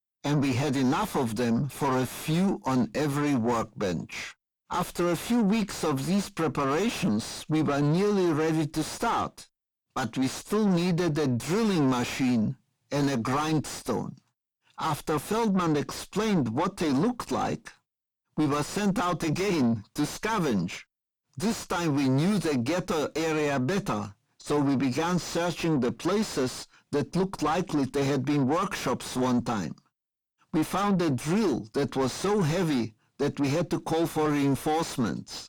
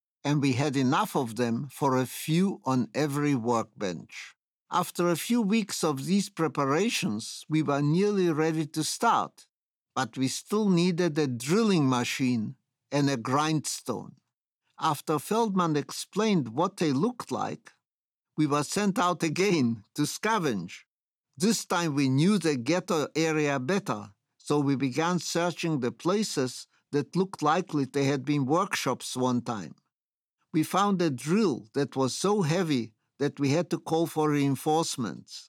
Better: second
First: distortion; heavy; 6 dB below the speech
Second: none

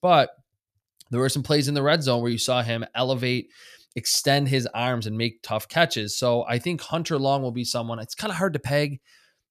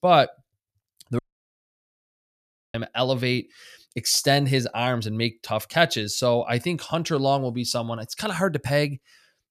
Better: first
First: none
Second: audio cutting out; at 1 s for 1.5 s

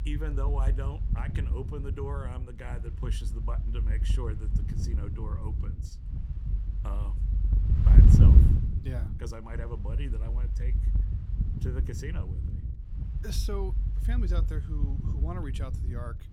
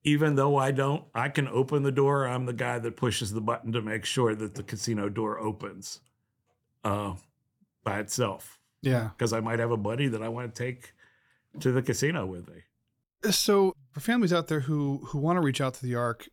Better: second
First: wind noise on the microphone; heavy; as loud as the speech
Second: none

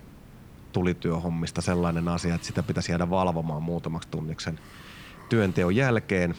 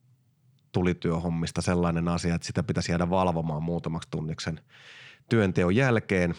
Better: second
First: hiss; faint; throughout; 20 dB below the speech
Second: none

